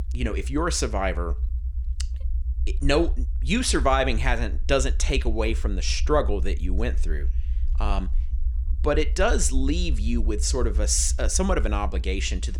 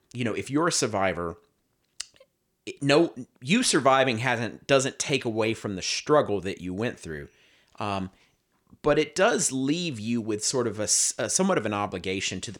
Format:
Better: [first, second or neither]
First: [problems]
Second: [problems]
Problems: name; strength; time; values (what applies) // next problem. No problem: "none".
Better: second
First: low rumble; faint; throughout; 25 dB below the speech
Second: none